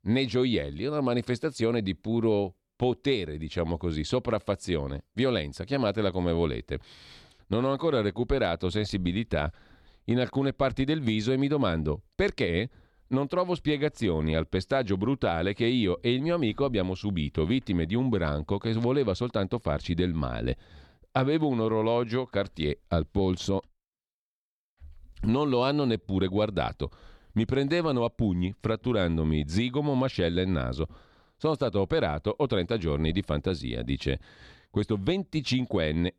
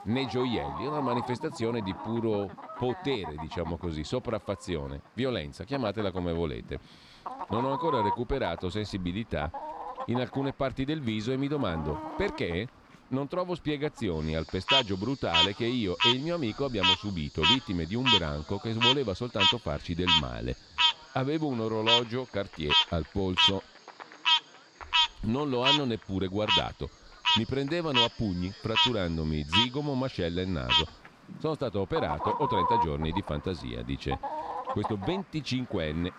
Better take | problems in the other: first | animal sounds; very loud; throughout; 5 dB above the speech

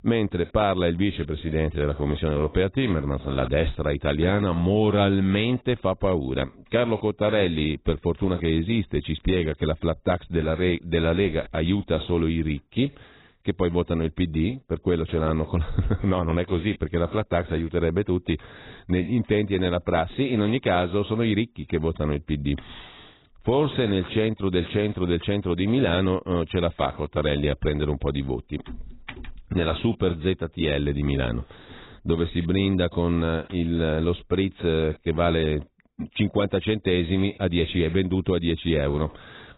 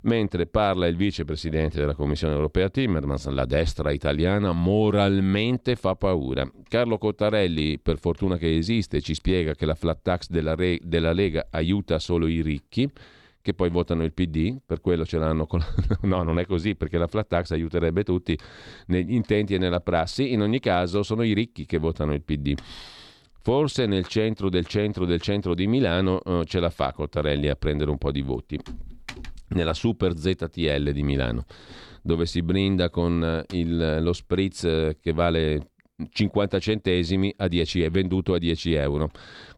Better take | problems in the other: second | garbled, watery; badly; nothing above 4 kHz

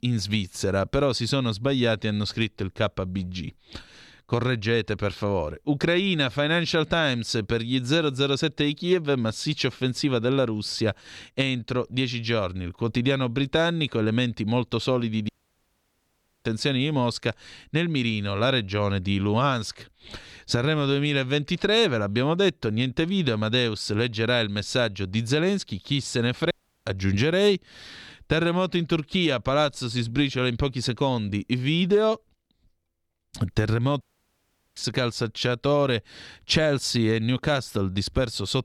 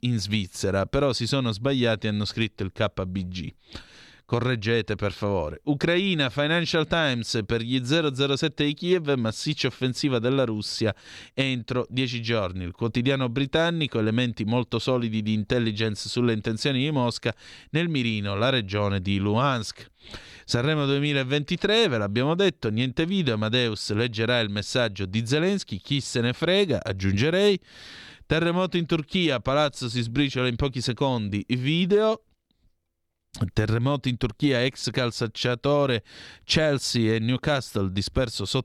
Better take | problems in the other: second | audio cutting out; at 15 s for 1 s, at 27 s and at 34 s for 1 s

